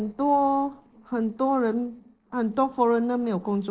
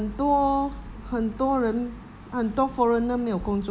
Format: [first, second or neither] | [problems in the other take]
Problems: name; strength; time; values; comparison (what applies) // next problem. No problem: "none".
second | noise reduction (neural separator model SepFormer DNS4)